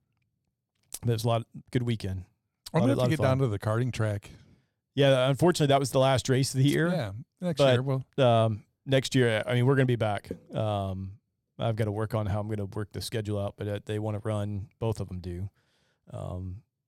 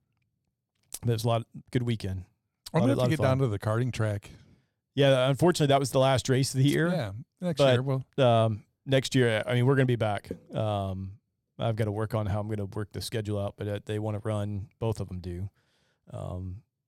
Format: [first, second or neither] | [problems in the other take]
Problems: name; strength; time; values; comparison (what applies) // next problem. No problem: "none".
neither | none